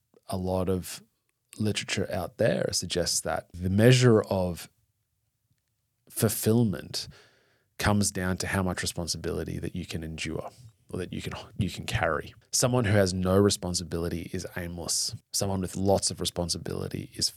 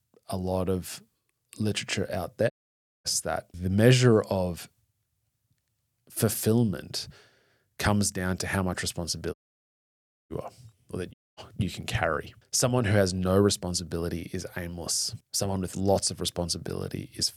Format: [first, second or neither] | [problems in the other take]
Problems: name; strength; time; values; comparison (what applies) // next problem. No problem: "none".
first | audio cutting out; at 2.5 s for 0.5 s, at 9.5 s for 1 s and at 11 s